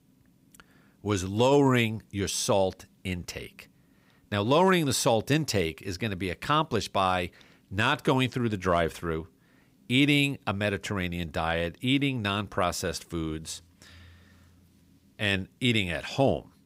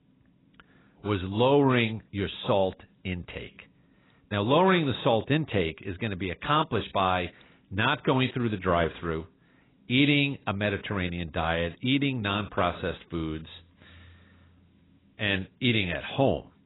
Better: first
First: none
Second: garbled, watery; badly; nothing above 4 kHz

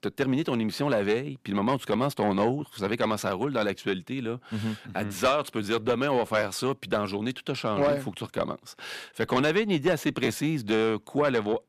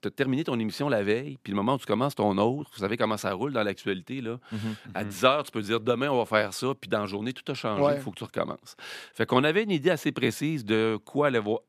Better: second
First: distortion; slight; 10 dB below the speech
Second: none

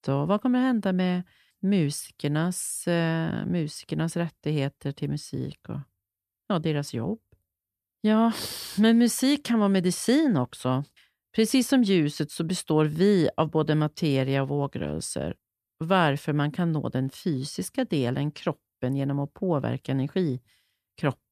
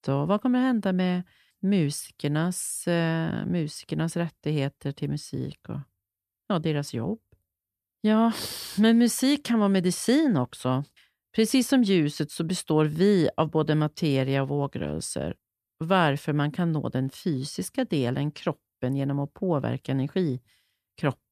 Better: neither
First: none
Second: none

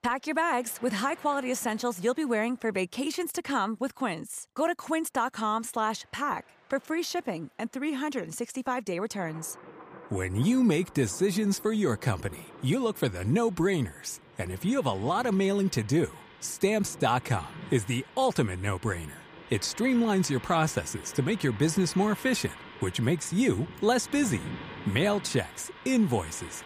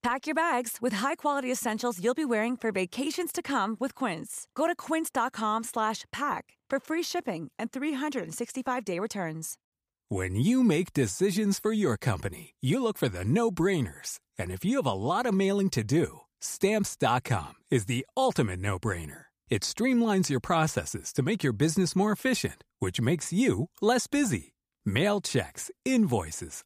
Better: second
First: rain or running water; noticeable; throughout; 15 dB below the speech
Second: none

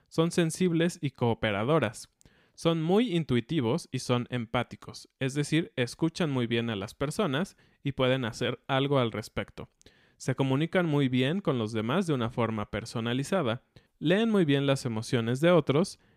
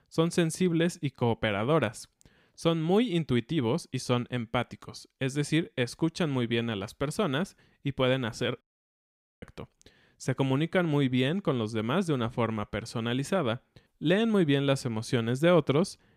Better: first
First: none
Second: audio cutting out; at 8.5 s for 1 s

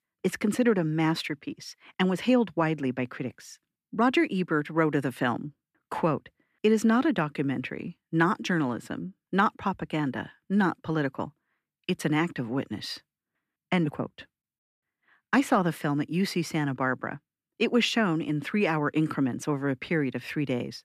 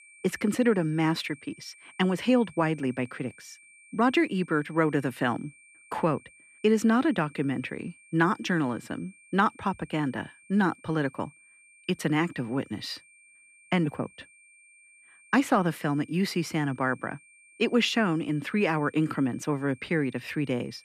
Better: first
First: none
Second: high-pitched whine; faint; throughout; 2.5 kHz, 25 dB below the speech

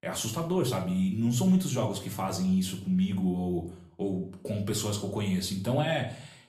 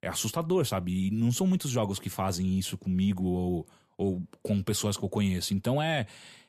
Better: second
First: room echo; slight; dies away in 0.4 s // off-mic speech; somewhat distant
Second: none

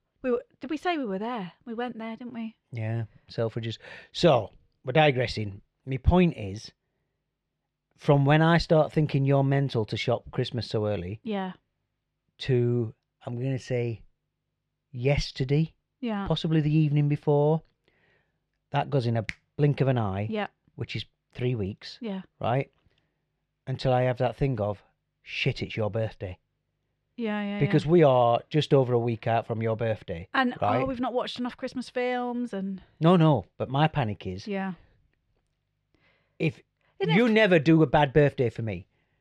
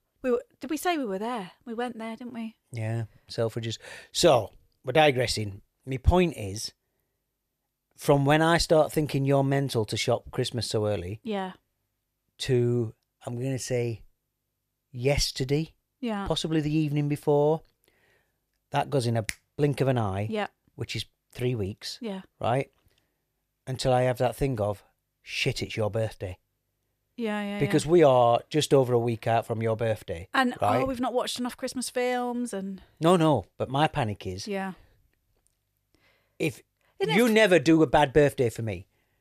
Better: second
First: muffled; very slightly; fading above 3 kHz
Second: none

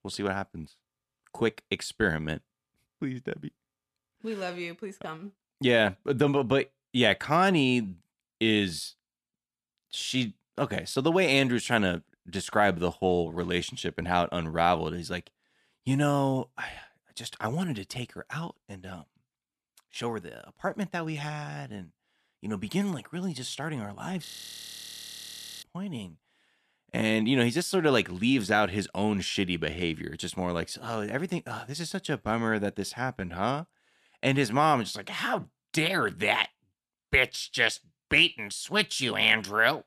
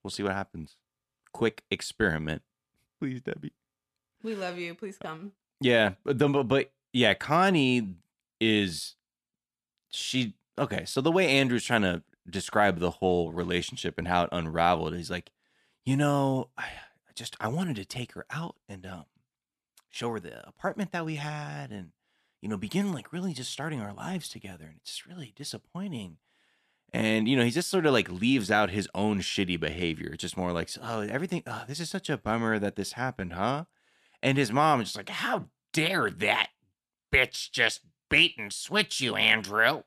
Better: second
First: audio freezing; at 24 s for 1.5 s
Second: none

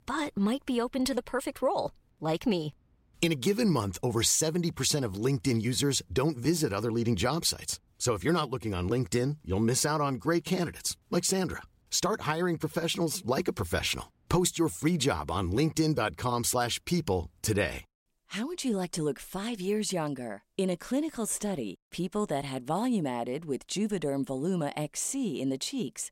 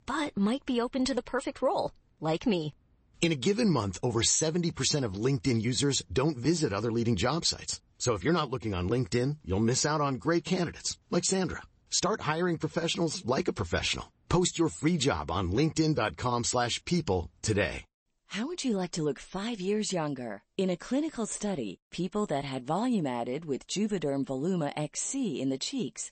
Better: first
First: none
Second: garbled, watery; slightly; nothing above 8 kHz

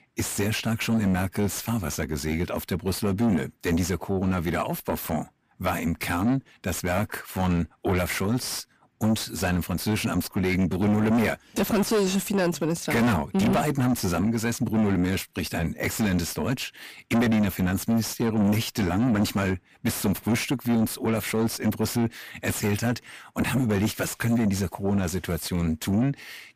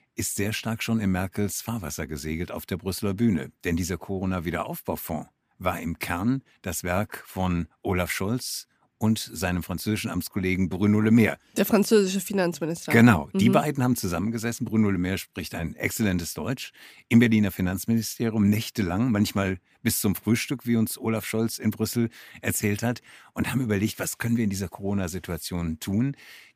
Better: second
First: distortion; heavy; 6 dB below the speech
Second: none

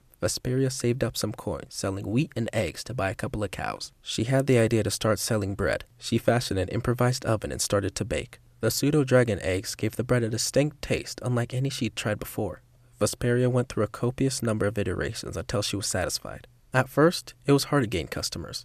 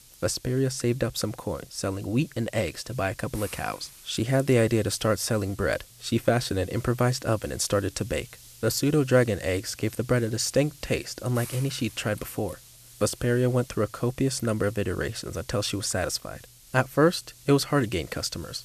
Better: first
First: none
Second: hiss; faint; throughout; 20 dB below the speech

